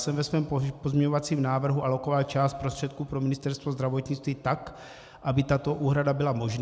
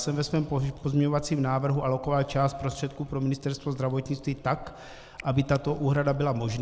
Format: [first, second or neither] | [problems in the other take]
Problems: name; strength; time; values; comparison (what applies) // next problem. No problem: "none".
first | background sound (Cat); 20 dB below the speech